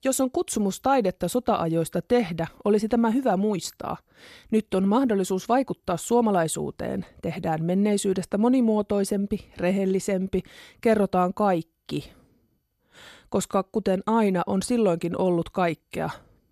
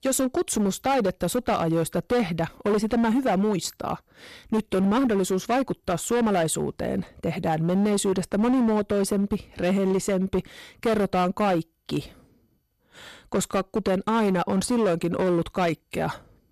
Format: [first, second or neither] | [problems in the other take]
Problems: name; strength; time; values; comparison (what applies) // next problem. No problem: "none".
first | distortion; slight; 13% of the sound clipped